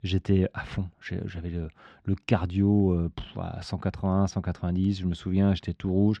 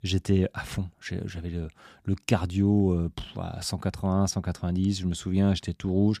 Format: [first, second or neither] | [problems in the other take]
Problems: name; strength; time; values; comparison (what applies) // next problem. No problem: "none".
second | muffled; slightly; fading above 3 kHz